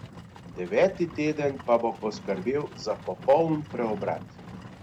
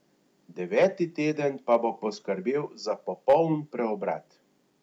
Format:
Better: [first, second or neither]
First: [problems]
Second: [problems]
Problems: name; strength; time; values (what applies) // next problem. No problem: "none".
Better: second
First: background sound (Livestock, farm animals, working animals); 15 dB below the speech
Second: none